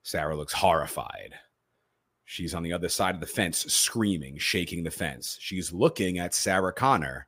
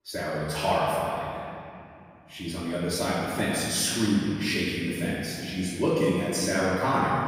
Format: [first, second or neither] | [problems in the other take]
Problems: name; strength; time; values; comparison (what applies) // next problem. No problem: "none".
first | room echo; strong; dies away in 2.6 s // off-mic speech; far